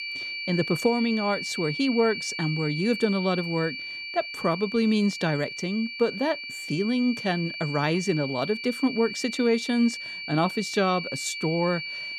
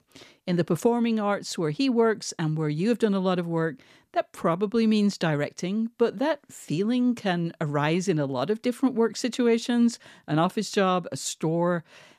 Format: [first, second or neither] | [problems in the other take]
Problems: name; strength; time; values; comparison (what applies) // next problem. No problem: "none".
second | high-pitched whine; loud; throughout; 2.5 kHz, 6 dB below the speech